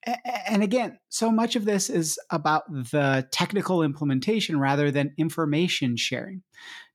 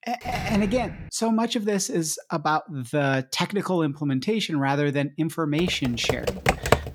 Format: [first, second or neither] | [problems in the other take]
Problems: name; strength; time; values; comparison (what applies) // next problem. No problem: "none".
first | door banging; noticeable; at the start; peak 7 dB below the speech // keyboard typing; loud; from 5.5 s on; peak 3 dB above the speech